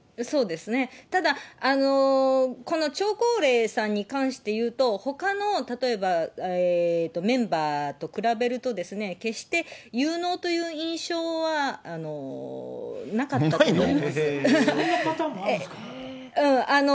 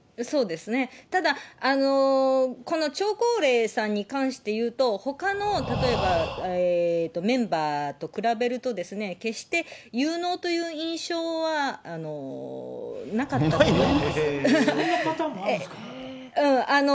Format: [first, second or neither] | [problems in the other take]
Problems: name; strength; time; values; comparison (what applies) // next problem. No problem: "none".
first | background sound (Breathing); 7 dB below the speech